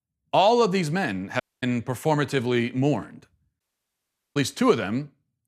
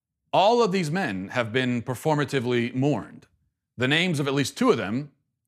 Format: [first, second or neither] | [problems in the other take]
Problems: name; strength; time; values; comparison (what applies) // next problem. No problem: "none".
second | audio cutting out; at 1.5 s and at 3.5 s for 0.5 s